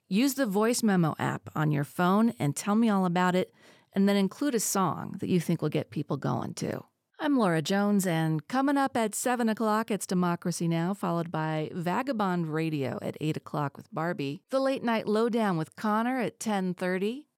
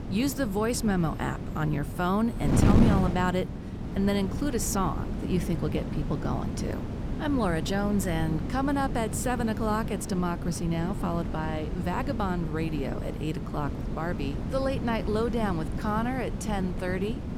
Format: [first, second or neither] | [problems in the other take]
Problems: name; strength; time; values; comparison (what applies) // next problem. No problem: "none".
first | wind noise on the microphone; heavy; 7 dB below the speech